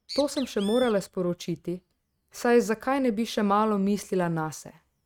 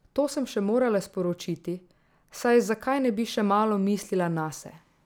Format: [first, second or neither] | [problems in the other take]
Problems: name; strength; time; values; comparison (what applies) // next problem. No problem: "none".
second | noise reduction (neural mask model RNNoise)